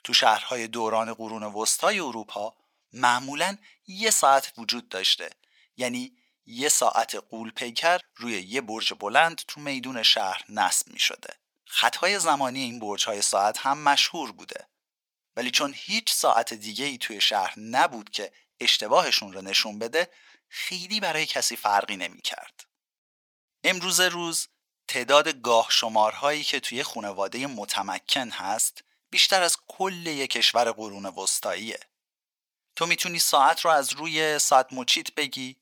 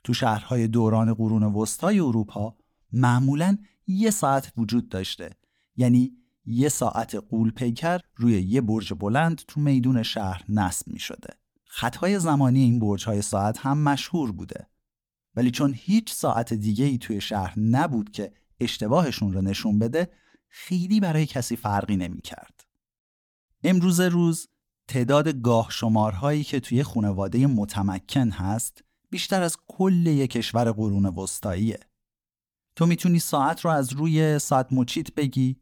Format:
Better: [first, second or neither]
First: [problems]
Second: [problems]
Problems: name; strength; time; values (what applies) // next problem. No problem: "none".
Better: second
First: thin; very; fading below 700 Hz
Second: none